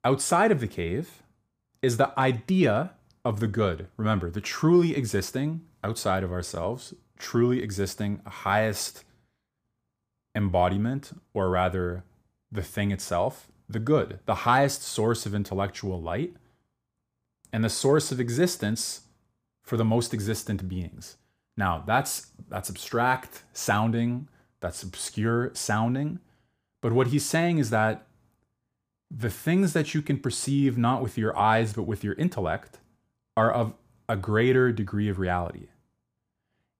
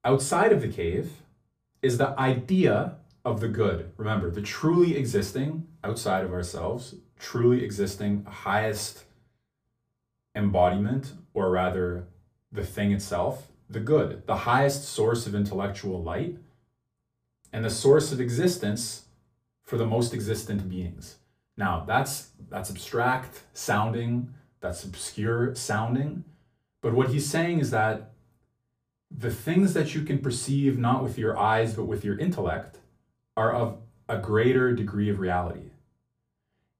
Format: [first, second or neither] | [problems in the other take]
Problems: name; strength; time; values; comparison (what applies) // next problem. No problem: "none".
first | off-mic speech; far // room echo; very slight; dies away in 0.2 s